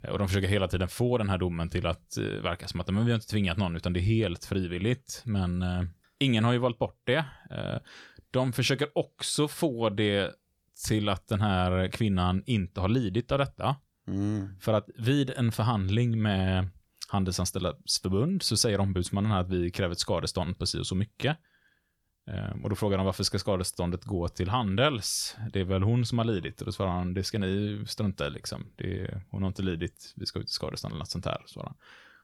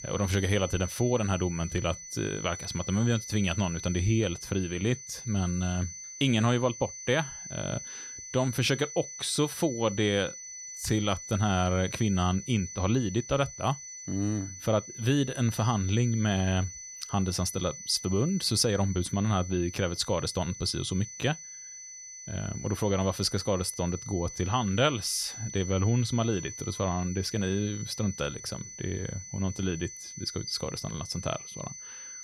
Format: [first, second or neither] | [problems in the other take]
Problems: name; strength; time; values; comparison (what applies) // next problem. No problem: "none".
first | high-pitched whine; noticeable; throughout; 6 kHz, 10 dB below the speech